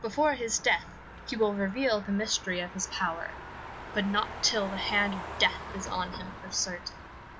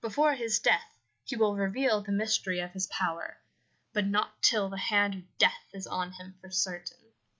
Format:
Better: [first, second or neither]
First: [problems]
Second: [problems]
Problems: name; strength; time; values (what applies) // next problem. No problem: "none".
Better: second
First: background sound (Motor vehicle (road)); 11 dB below the speech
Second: none